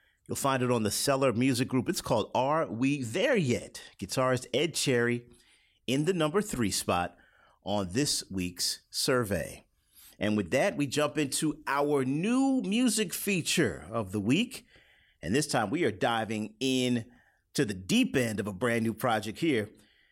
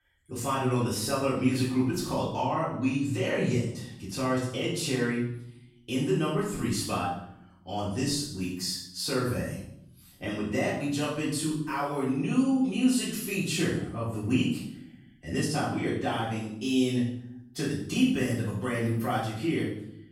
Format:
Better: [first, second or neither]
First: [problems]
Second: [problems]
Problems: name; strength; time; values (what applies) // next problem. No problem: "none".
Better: first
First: none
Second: off-mic speech; far // room echo; noticeable; dies away in 0.7 s